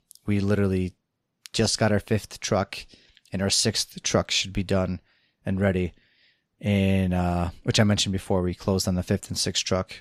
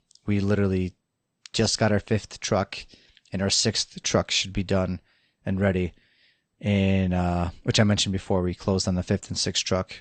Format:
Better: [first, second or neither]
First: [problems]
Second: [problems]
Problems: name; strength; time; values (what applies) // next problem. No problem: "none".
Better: first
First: none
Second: garbled, watery; slightly; nothing above 8.5 kHz